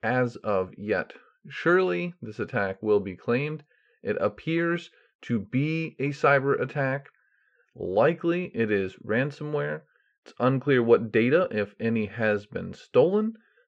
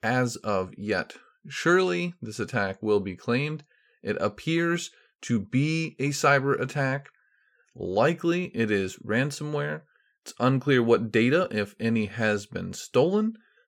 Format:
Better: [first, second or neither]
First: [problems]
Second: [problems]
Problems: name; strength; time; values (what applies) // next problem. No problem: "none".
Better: second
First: muffled; slightly; fading above 2.5 kHz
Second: none